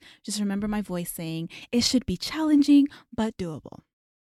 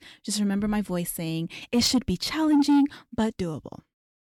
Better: first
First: none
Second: distortion; slight; 10 dB below the speech

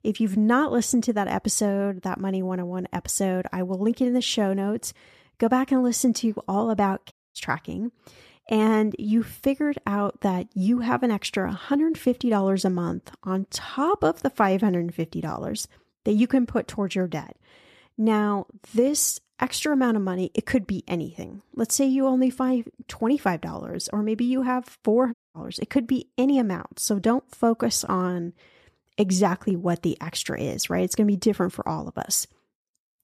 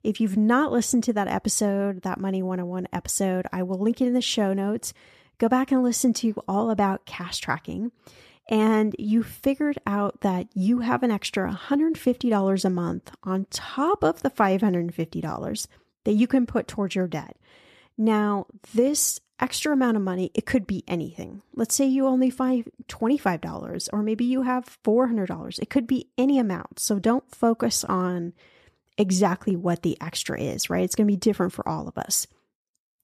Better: second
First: audio cutting out; at 7 s and at 25 s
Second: none

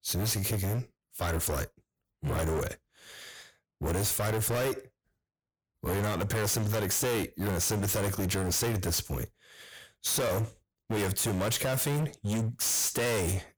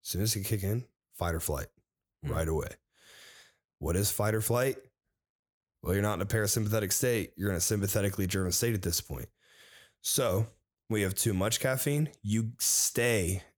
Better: second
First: distortion; heavy; 27% of the sound clipped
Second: none

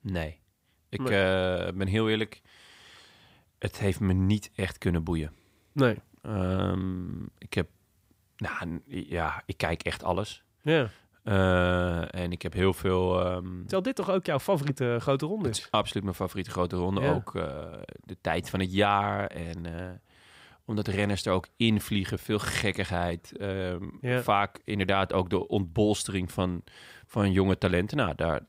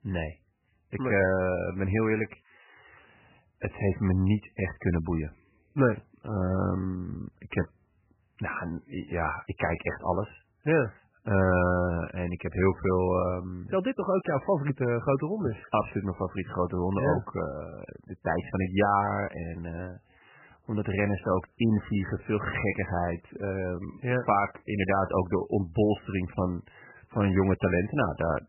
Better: first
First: none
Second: garbled, watery; badly; nothing above 3 kHz

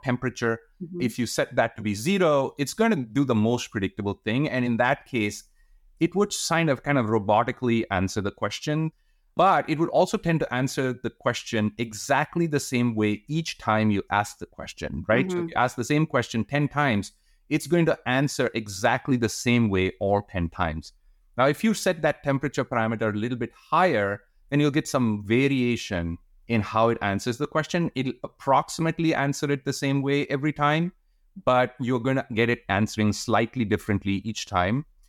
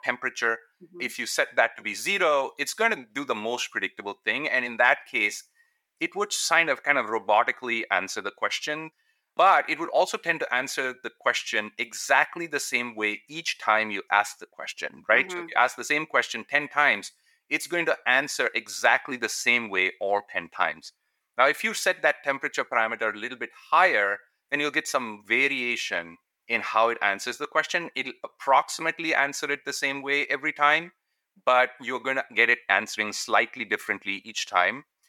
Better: first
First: none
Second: thin; very; fading below 550 Hz

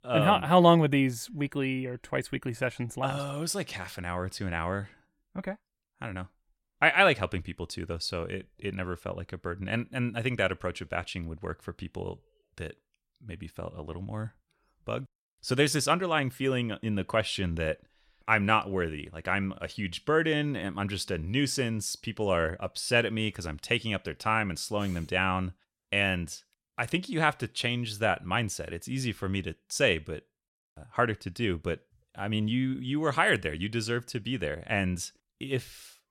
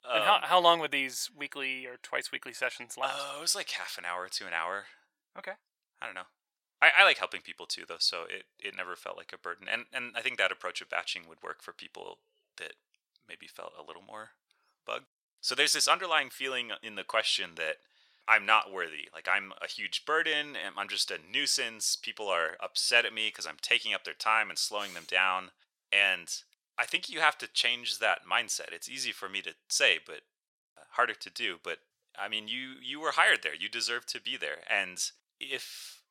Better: first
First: none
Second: thin; very; fading below 750 Hz

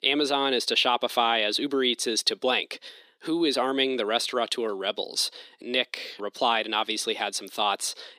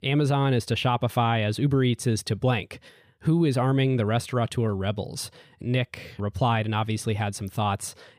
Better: second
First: thin; somewhat; fading below 300 Hz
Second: none

